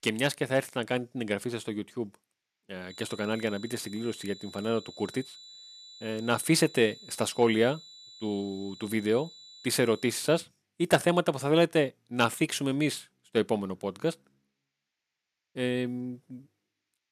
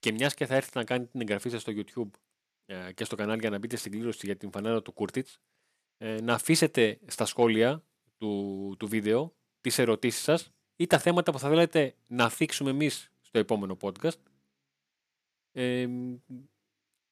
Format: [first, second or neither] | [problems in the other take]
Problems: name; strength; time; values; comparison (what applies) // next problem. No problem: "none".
second | high-pitched whine; noticeable; from 3 to 10 s; 4 kHz, 20 dB below the speech